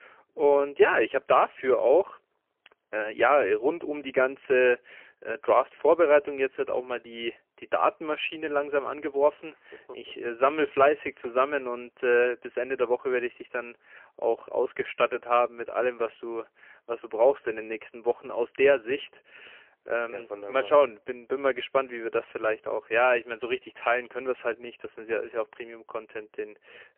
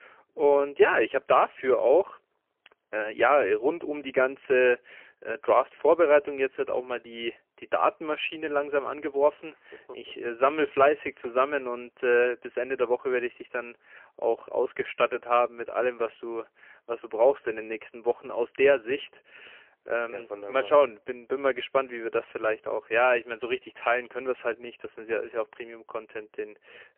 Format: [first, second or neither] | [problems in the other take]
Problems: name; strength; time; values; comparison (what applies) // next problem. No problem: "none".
neither | phone-call audio; poor line; nothing above 3 kHz; the same in both